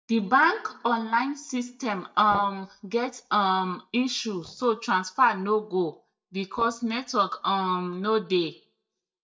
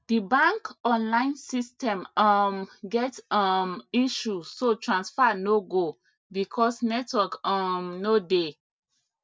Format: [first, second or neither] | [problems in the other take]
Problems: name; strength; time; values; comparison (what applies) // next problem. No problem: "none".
second | noise reduction (neural mask model DeepFilterNet 3)